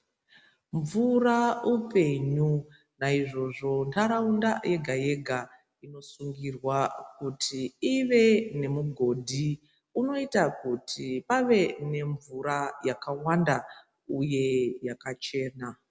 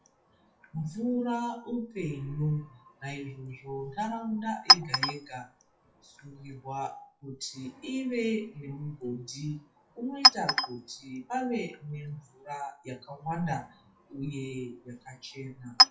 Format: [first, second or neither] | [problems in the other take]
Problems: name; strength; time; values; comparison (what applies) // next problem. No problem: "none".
first | noise reduction (classical method WPE with log-MMSE)